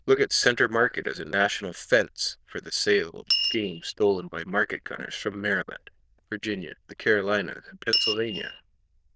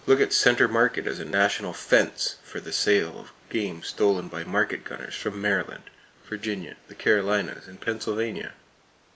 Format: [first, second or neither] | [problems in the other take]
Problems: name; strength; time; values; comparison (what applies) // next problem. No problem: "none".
second | noise reduction (neural diffusion model UNIVERSE++)